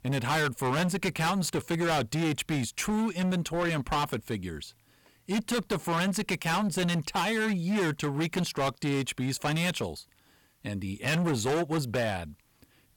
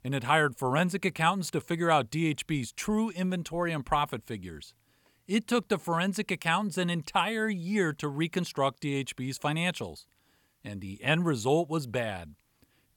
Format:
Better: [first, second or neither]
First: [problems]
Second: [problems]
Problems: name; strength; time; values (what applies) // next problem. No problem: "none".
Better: second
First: distortion; heavy; 20% of the sound clipped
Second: none